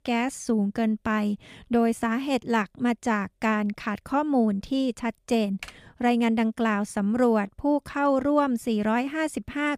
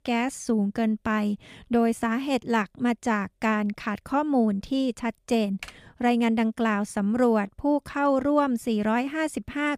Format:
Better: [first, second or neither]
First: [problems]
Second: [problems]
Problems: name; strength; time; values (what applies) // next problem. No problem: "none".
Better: neither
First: keyboard typing; faint; at 5.5 s; peak 15 dB below the speech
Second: keyboard typing; faint; at 5.5 s; peak 15 dB below the speech